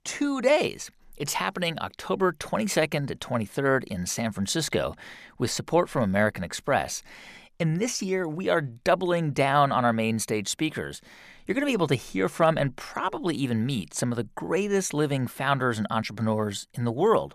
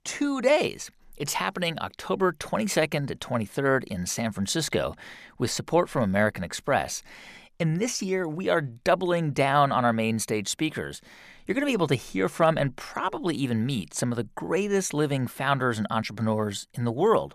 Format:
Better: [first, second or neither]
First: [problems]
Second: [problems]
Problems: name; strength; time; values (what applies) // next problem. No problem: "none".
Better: neither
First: none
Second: none